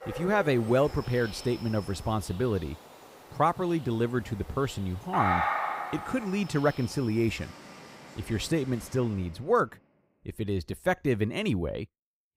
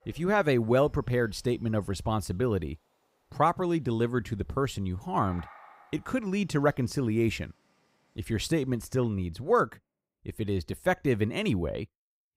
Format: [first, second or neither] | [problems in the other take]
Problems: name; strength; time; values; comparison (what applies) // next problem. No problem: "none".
second | animal sounds; loud; until 9 s; 8 dB below the speech; faint in the second